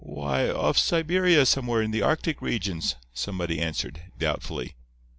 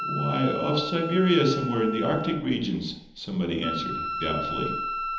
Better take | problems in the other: first | background sound (Wind instrument, woodwind instrument); 6 dB below the speech // room echo; dies away in 0.9 s

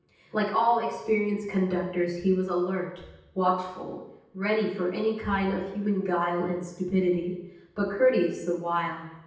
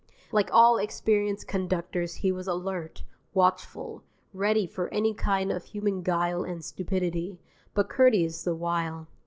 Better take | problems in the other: second | room echo; dies away in 0.9 s

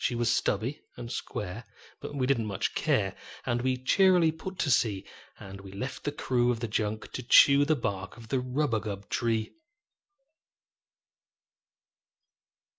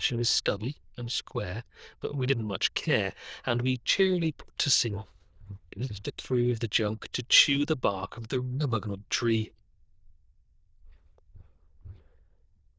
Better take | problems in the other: first | noise reduction (neural diffusion model UNIVERSE++)

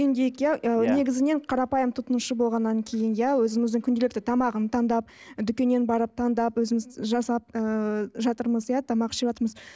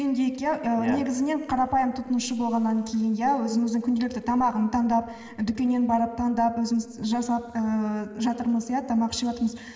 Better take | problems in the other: first | room echo; dies away in 2.2 s

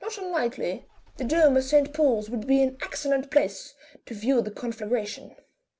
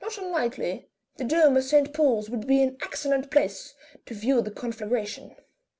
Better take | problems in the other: second | background sound (Engine starting / Car); 19 dB below the speech

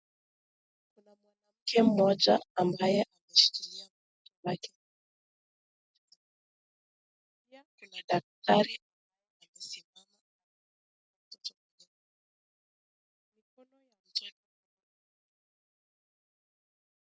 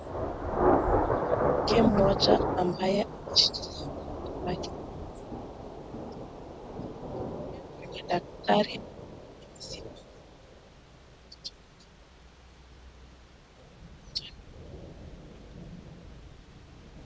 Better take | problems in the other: first | background sound (Thunder / Rain); as loud as the speech

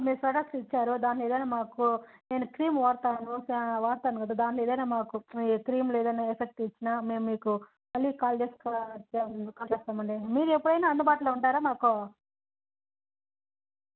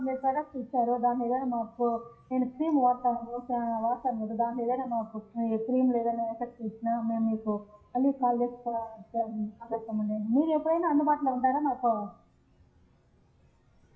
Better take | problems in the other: first | noise reduction (classical method WPE with log-MMSE)

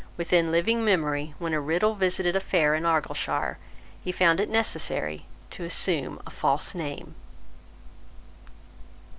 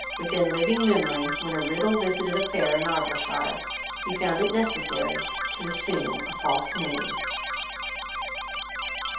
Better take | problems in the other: first | background sound (Keyboard (musical)); 3 dB below the speech // room echo; dies away in 0.6 s

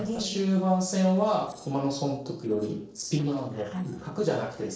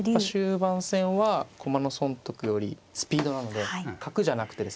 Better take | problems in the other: second | noise reduction (neural separator model SepFormer DNS4)

